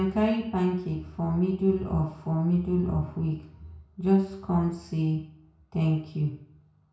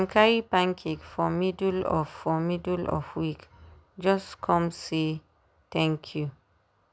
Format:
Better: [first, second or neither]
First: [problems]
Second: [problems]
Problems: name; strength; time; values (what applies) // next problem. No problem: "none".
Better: second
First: room echo; dies away in 0.6 s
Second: none